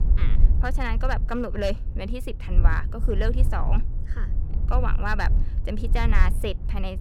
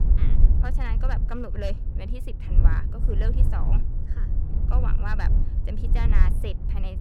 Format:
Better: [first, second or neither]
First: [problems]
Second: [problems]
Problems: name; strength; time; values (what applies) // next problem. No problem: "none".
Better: first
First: wind noise on the microphone; occasional gusts; 15 dB below the speech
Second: wind noise on the microphone; heavy; 5 dB below the speech